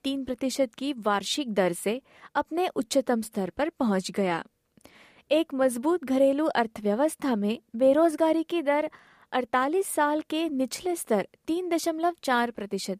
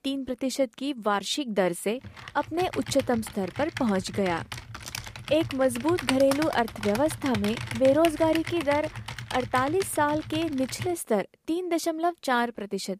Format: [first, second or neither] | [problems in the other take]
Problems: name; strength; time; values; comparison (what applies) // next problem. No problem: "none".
first | keyboard typing; noticeable; from 2 to 11 s; peak 3 dB below the speech